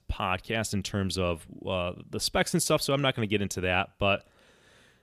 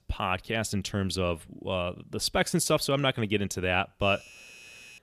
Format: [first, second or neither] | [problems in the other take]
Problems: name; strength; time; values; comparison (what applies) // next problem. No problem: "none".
first | doorbell; faint; from 4 s on; peak 20 dB below the speech